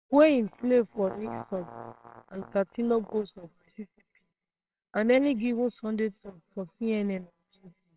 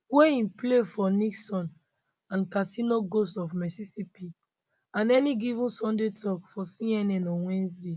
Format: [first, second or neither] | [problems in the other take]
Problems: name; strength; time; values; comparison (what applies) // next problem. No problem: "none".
second | noise reduction (neural separator model SepFormer WHAMR!)